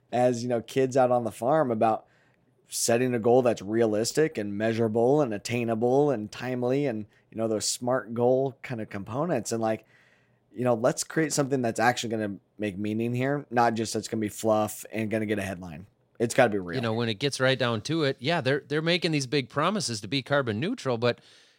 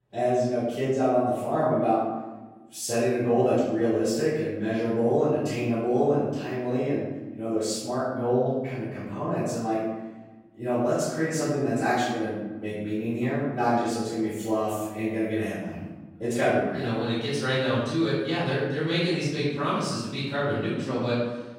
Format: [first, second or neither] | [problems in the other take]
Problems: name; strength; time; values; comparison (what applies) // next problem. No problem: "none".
first | off-mic speech; far // room echo; strong; dies away in 1.1 s